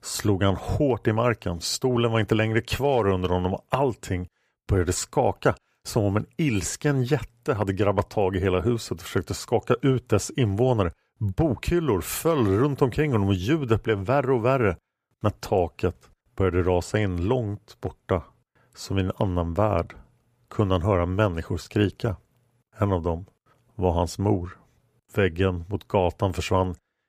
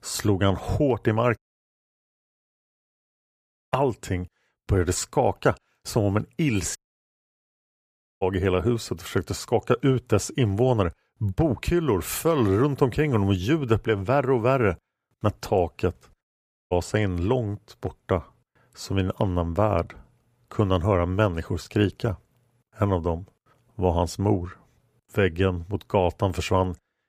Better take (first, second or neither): first